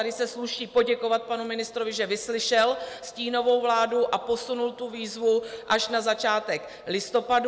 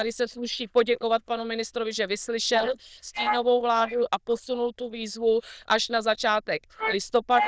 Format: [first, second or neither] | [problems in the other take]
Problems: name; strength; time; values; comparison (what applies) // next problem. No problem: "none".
first | noise reduction (neural diffusion model UNIVERSE++)